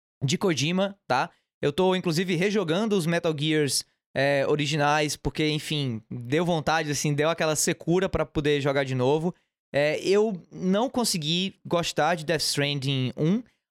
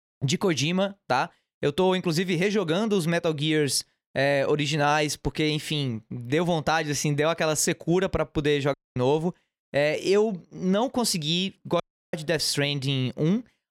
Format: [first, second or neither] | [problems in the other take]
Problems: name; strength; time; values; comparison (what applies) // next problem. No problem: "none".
first | audio cutting out; at 8.5 s and at 12 s